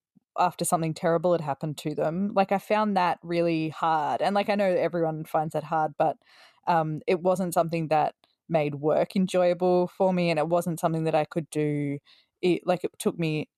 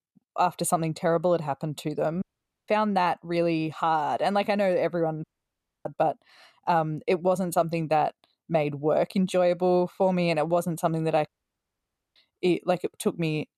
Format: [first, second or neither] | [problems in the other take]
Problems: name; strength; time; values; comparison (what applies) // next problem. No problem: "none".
first | audio cutting out; at 2 s, at 5 s for 0.5 s and at 11 s for 1 s